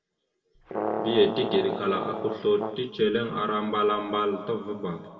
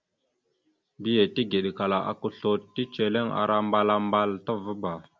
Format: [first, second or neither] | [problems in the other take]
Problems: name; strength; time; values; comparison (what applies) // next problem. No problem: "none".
second | background sound (Brass instrument); 6 dB below the speech // room echo; dies away in 1.6 s